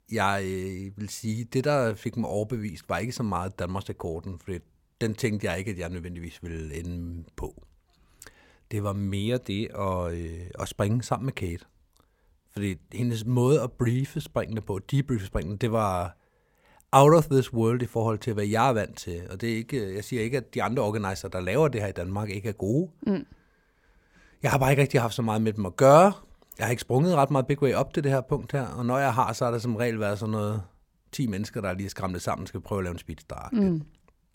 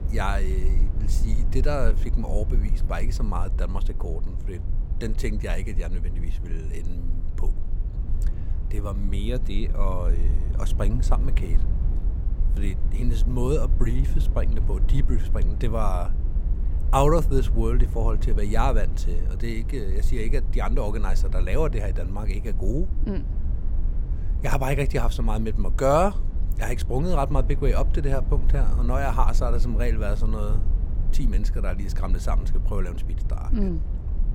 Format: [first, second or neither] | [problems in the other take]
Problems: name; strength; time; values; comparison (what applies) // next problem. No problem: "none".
first | low rumble; noticeable; throughout; 15 dB below the speech